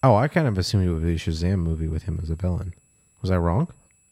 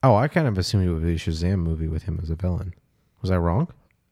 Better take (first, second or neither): second